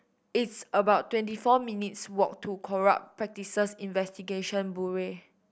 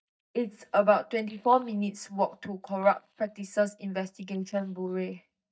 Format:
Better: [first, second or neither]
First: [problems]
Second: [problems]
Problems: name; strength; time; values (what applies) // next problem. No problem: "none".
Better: first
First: none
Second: noise reduction (neural mask model DeepFilterNet 3)